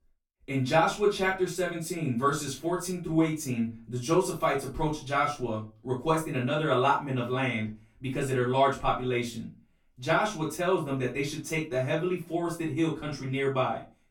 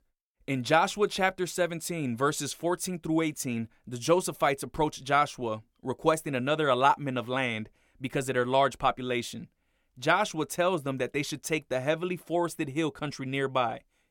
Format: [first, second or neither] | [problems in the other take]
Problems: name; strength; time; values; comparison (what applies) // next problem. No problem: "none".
second | off-mic speech; far // room echo; slight; dies away in 0.2 s